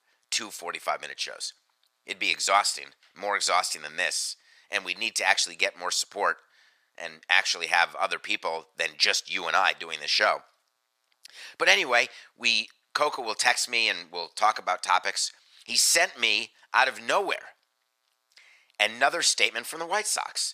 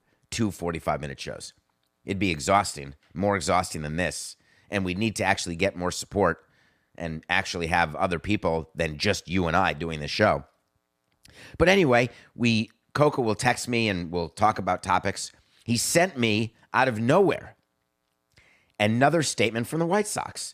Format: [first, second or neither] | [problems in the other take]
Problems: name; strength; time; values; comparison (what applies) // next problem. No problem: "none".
second | thin; very; fading below 850 Hz